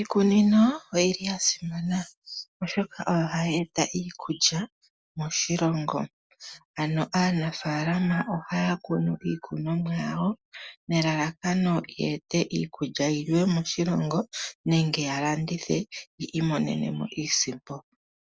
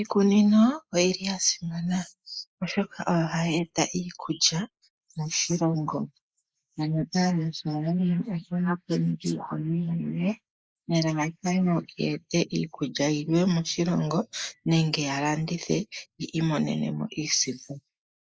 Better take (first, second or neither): first